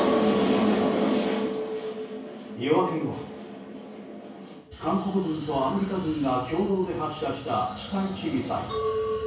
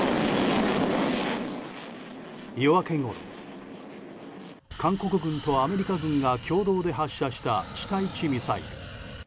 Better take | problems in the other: second | background sound (Chink, clink); 7 dB below the speech // room echo; dies away in 0.7 s

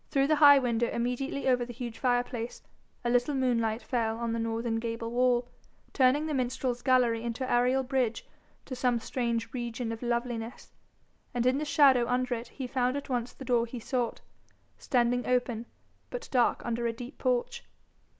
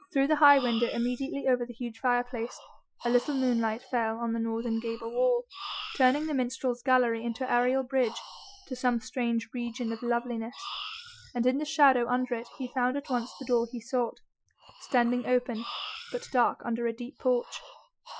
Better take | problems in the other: first | noise reduction (classical method Wiener filter)

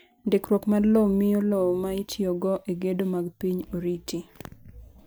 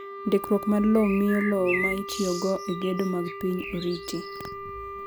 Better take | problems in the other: first | background sound (Wind instrument, woodwind instrument + Bird); 8 dB below the speech

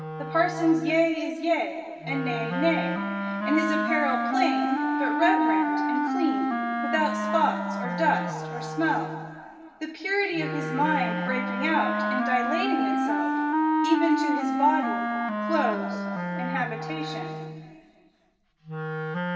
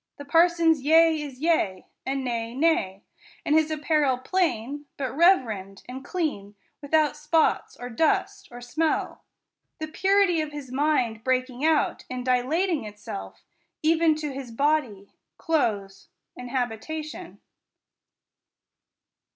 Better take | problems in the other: second | background sound (Wind instrument, woodwind instrument); as loud as the speech // room echo; dies away in 2.3 s

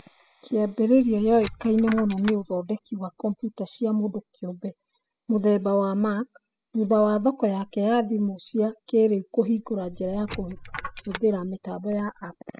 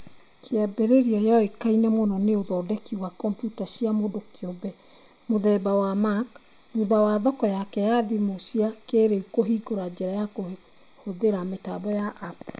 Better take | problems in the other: second | noise reduction (classical method spectral subtraction)

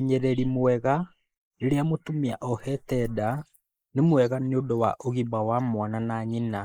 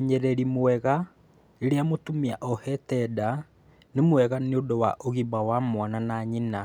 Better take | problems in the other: second | noise reduction (neural mask model Resemble Enhance denoiser)

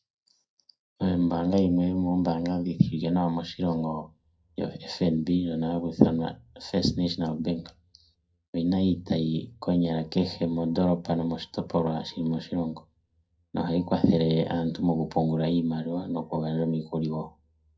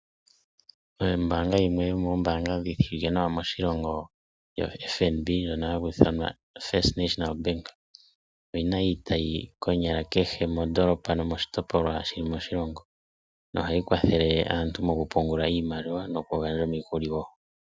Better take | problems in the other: second | room echo; dies away in 0.2 s

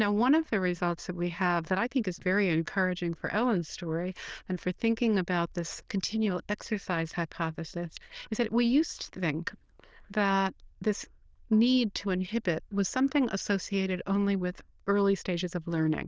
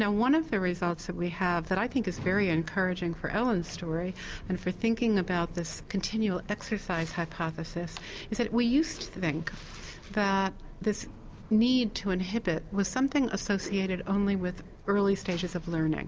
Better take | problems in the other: second | noise reduction (neural diffusion model UNIVERSE++)

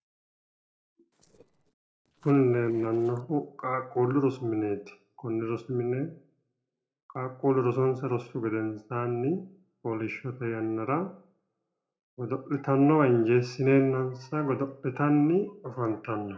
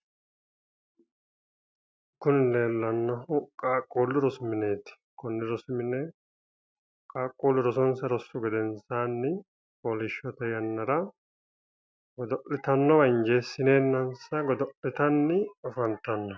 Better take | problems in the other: second | noise reduction (neural separator model SepFormer DNS4)

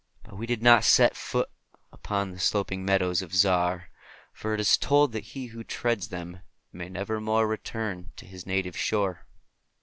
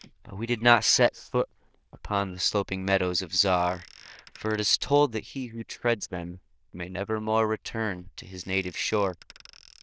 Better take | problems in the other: first | noise reduction (neural diffusion model UNIVERSE++)

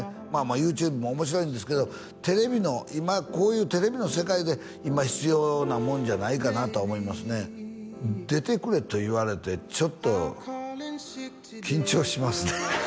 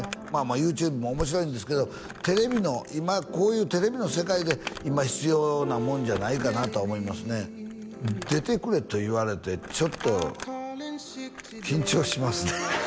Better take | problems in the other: first | background sound (Crumpling, crinkling); 16 dB below the speech

